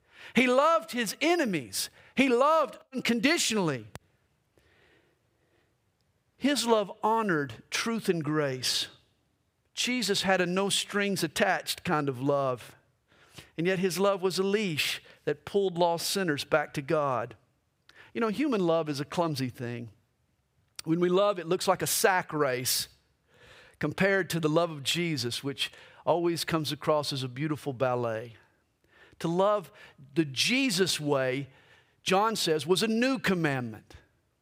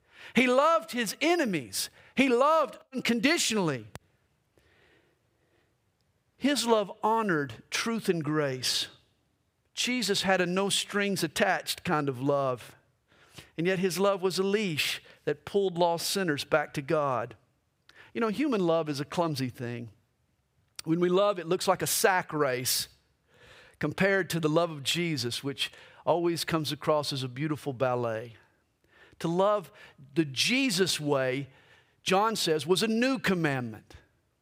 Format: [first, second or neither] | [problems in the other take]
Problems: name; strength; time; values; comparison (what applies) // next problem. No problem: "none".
neither | none